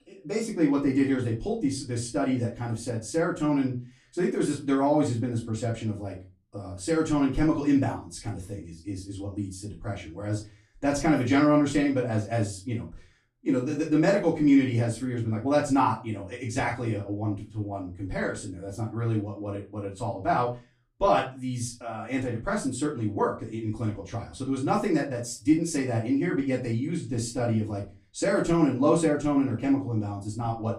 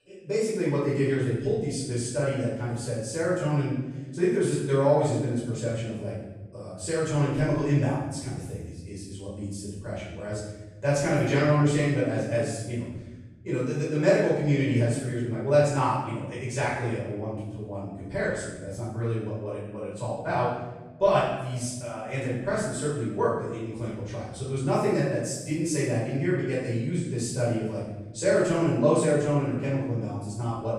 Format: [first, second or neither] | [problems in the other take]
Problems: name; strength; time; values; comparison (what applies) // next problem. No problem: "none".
first | room echo; strong; dies away in 1 s; slight in the first // off-mic speech; far; far in the first